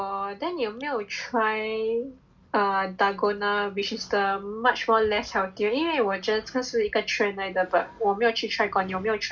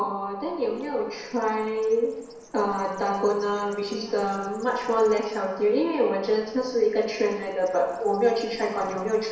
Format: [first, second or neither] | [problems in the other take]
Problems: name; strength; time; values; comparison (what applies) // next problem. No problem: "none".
first | noise reduction (neural separator model SepFormer DNS4)